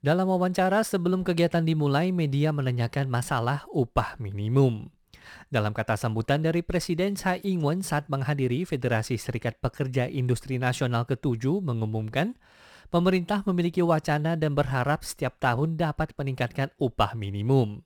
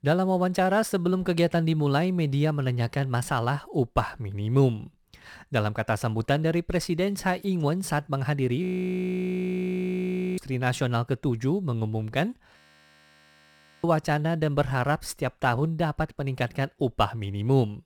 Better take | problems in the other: first | audio freezing; at 8.5 s for 2 s and at 13 s for 1.5 s

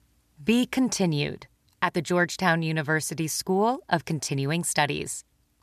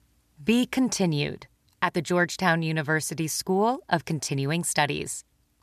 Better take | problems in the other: neither | none

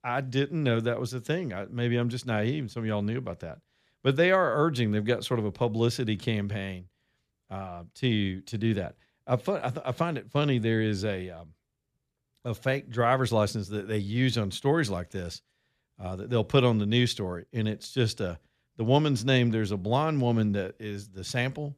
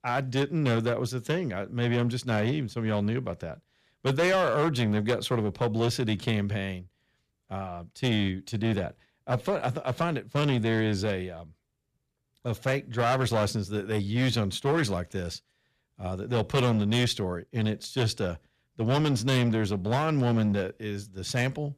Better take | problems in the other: first | distortion; slight; 7% of the sound clipped

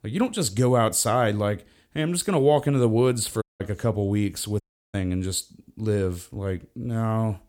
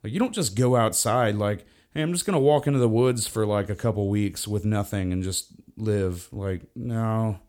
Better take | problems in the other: second | audio cutting out; at 3.5 s and at 4.5 s

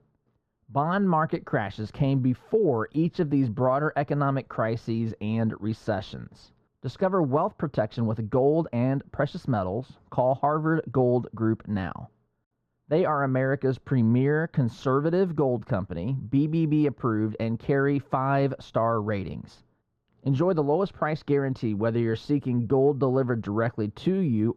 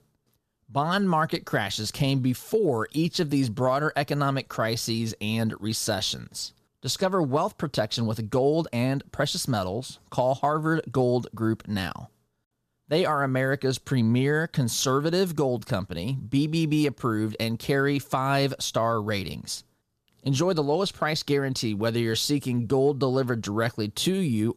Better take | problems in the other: second | muffled; very; fading above 4 kHz

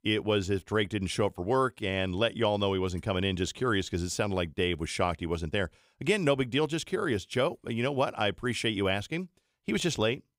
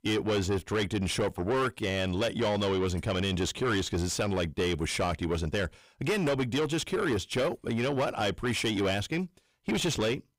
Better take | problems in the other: first | distortion; heavy; 6 dB below the speech

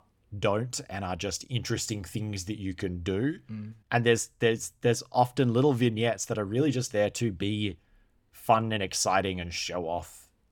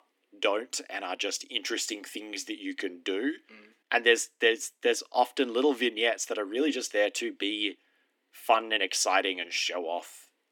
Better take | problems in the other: first | thin; somewhat; fading below 250 Hz

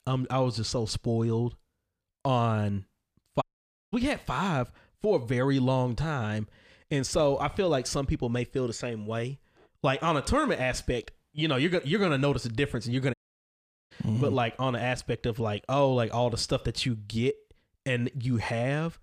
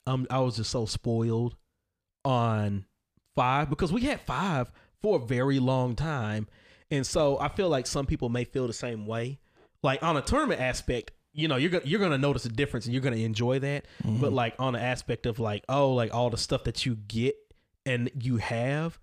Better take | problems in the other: second | audio cutting out; at 3.5 s for 0.5 s and at 13 s for 1 s

